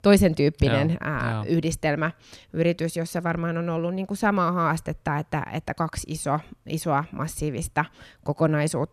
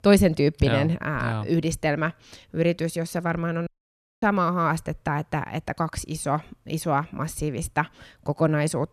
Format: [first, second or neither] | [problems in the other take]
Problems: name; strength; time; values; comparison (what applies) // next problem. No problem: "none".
first | audio cutting out; at 3.5 s for 0.5 s